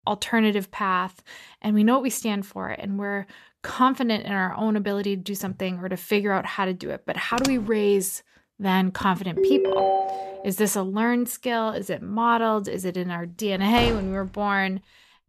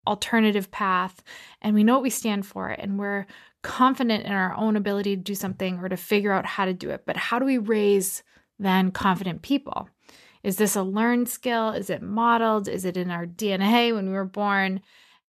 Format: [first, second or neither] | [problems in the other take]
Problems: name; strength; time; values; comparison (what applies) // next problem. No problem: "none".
second | keyboard typing; noticeable; at 7.5 s; peak 6 dB below the speech // phone ringing; loud; from 9.5 to 10 s; peak 4 dB above the speech // door banging; noticeable; at 14 s; peak 5 dB below the speech